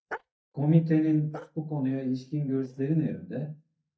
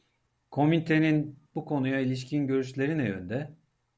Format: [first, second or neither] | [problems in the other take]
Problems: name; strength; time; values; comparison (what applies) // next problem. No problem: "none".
second | noise reduction (neural mask model DeepFilterNet 3)